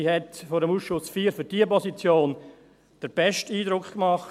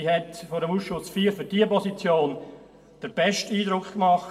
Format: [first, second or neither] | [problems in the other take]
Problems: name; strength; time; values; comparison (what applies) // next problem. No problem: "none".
first | room echo; dies away in 1.2 s